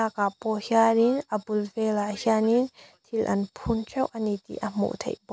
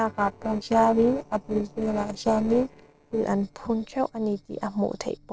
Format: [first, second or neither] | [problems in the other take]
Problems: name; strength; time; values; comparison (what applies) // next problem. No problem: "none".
first | noise reduction (neural separator model SepFormer DNS4)